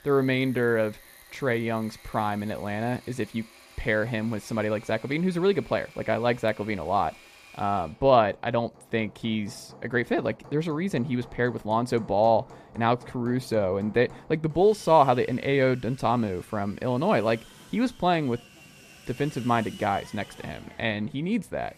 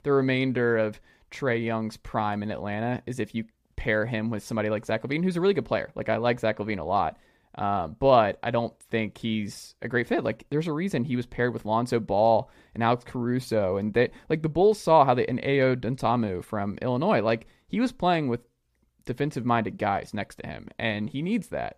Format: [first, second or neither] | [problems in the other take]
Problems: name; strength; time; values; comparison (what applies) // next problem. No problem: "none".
second | machinery noise; faint; throughout; 25 dB below the speech